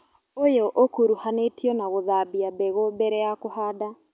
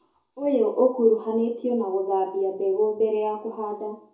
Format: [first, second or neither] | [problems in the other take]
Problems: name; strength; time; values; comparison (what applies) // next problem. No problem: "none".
first | room echo; dies away in 0.6 s